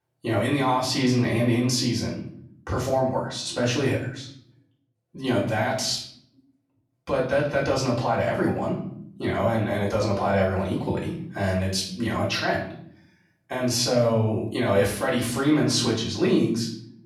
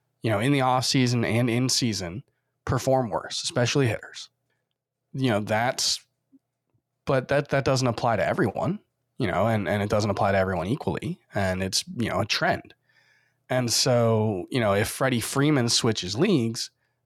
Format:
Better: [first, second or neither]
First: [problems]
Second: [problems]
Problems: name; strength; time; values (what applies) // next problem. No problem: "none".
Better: second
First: off-mic speech; far // room echo; slight; dies away in 0.6 s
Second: none